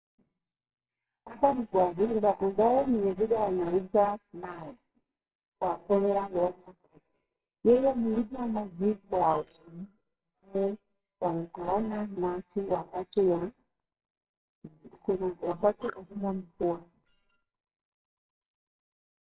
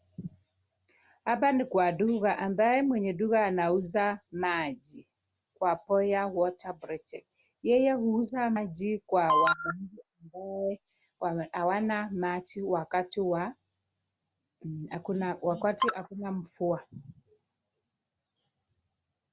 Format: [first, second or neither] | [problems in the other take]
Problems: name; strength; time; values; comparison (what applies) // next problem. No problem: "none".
second | noise reduction (neural separator model SepFormer WHAMR!)